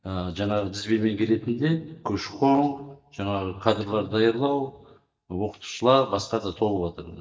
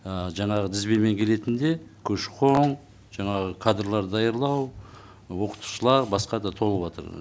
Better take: second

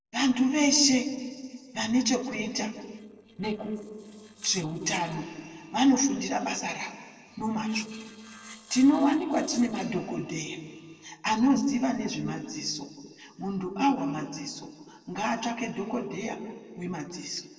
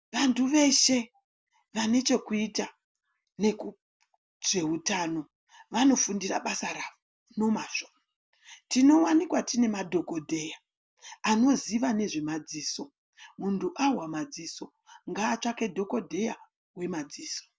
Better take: second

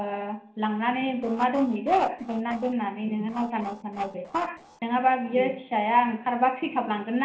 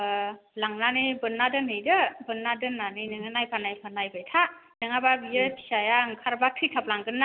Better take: second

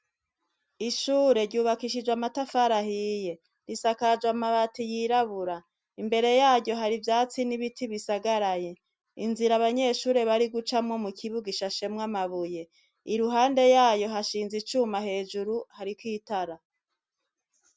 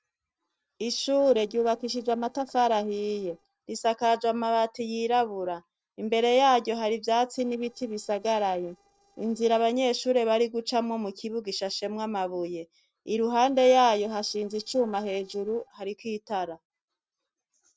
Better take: first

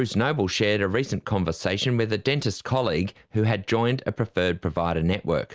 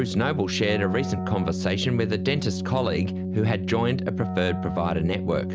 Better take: first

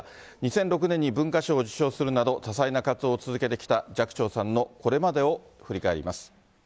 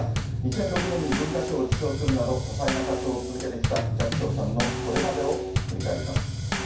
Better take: first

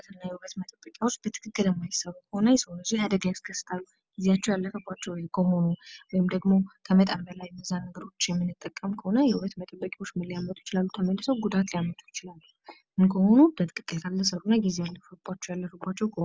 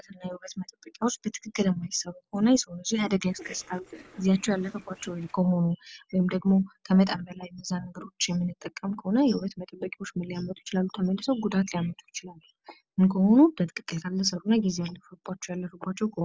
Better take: first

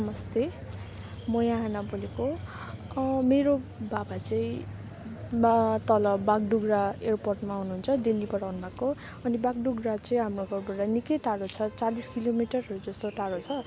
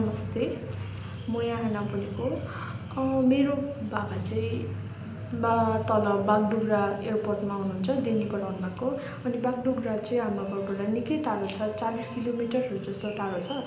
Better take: first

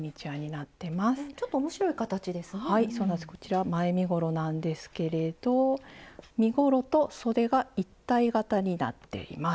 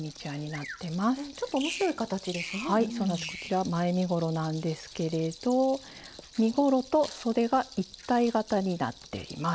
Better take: first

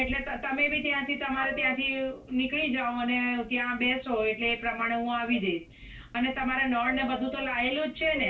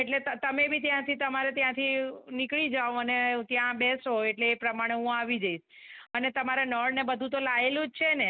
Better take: second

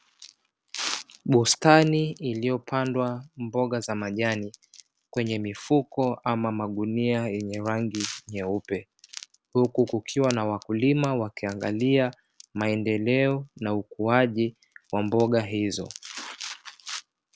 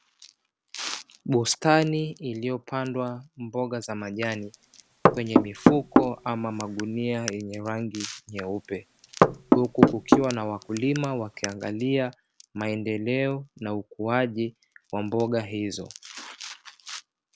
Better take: first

